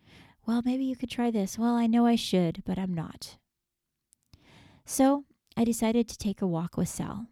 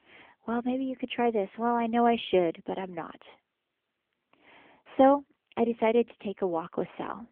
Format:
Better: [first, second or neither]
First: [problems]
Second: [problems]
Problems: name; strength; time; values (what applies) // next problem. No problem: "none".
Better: first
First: none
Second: phone-call audio; nothing above 3.5 kHz